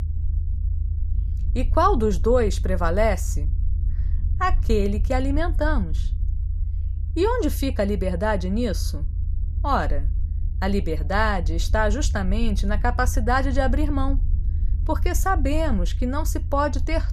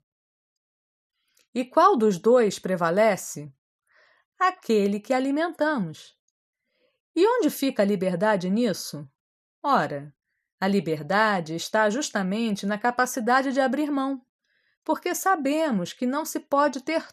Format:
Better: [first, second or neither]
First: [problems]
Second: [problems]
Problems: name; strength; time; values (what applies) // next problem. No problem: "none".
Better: second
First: low rumble; faint; throughout; 20 dB below the speech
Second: none